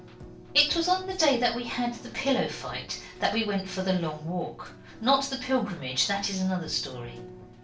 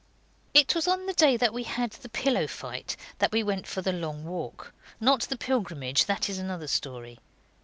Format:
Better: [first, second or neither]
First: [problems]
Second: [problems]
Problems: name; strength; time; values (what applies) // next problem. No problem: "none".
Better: second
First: background sound (Keyboard (musical)); 17 dB below the speech // room echo; dies away in 0.3 s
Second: none